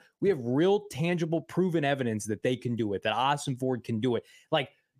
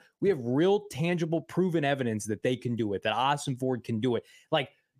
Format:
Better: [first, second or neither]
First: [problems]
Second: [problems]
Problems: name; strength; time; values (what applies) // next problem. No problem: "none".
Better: neither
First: none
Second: none